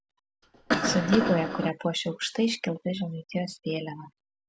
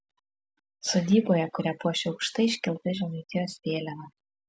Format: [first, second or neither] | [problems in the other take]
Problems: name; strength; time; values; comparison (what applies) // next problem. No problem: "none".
second | background sound (Cough); as loud as the speech